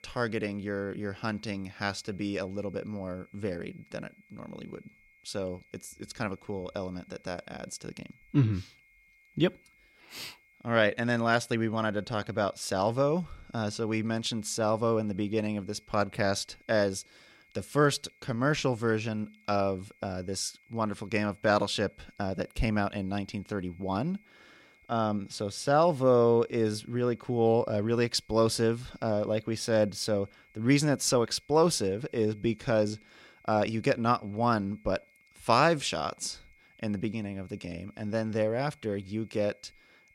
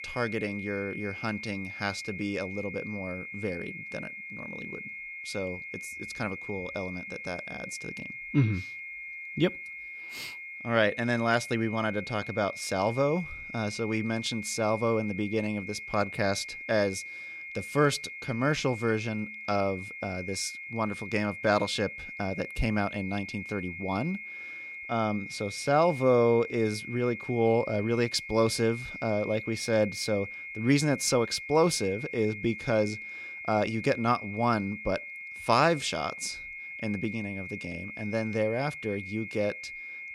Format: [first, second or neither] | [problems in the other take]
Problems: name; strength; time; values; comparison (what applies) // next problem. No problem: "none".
first | high-pitched whine; loud; throughout; 2 kHz, 9 dB below the speech; faint in the first